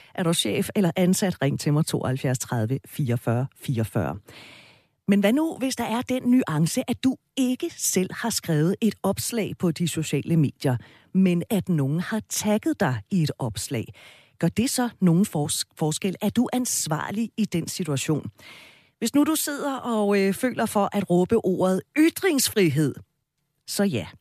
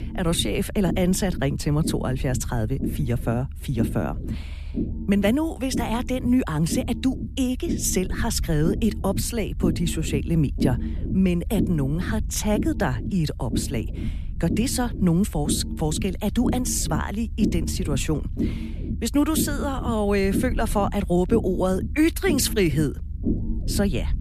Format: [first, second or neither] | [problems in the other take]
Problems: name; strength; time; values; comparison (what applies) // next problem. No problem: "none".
first | low rumble; loud; throughout; 10 dB below the speech